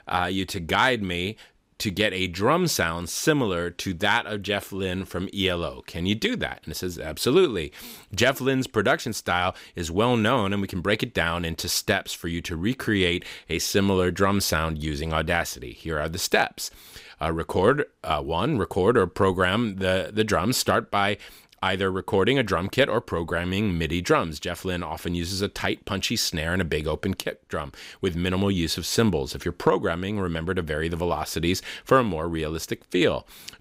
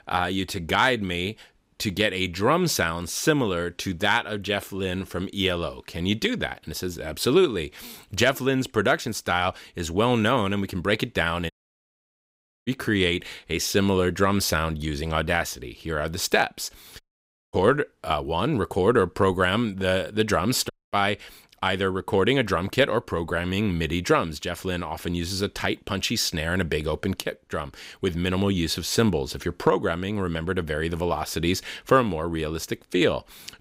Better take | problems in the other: first | audio cutting out; at 12 s for 1 s, at 17 s for 0.5 s and at 21 s

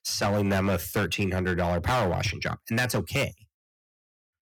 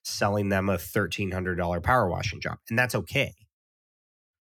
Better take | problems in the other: second | distortion; heavy; 11% of the sound clipped

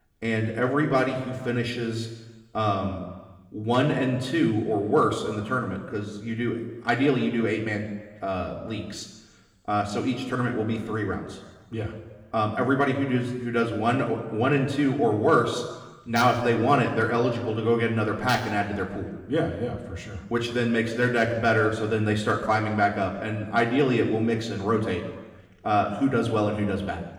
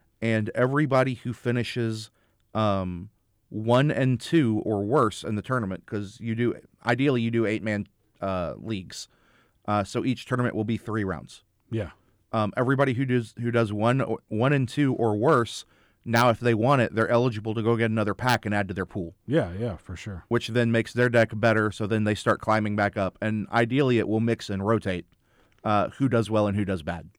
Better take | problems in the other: second | room echo; slight; dies away in 1.1 s // off-mic speech; somewhat distant

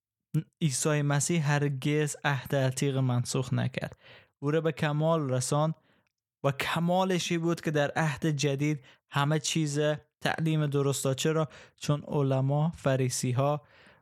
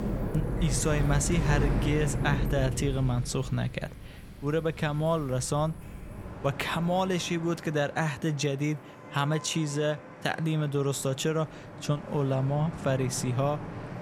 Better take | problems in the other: first | traffic noise; loud; throughout; 7 dB below the speech

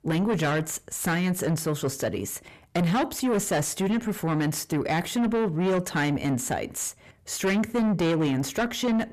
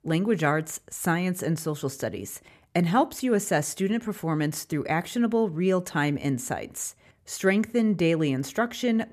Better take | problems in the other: second | distortion; heavy; 8 dB below the speech

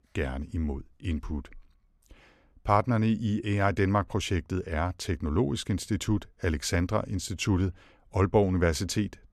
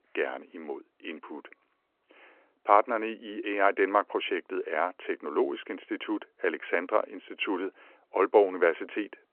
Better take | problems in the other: first | phone-call audio

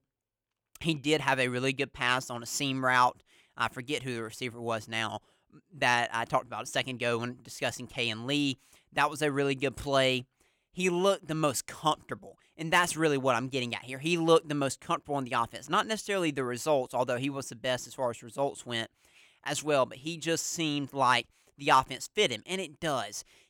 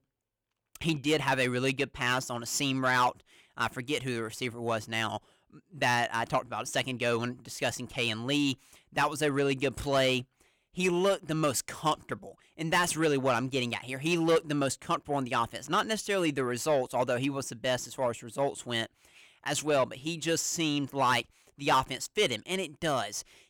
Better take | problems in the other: first | distortion; slight; 10 dB below the speech

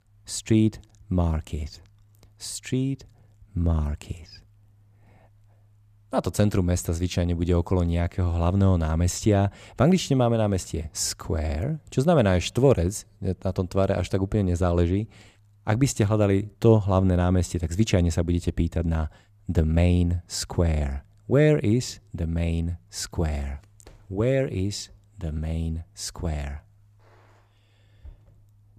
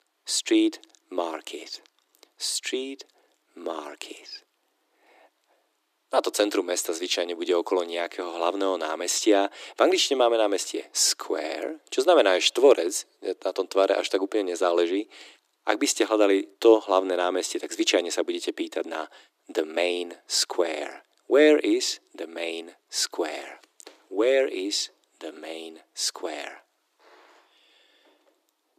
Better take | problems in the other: first | thin; very; fading below 300 Hz

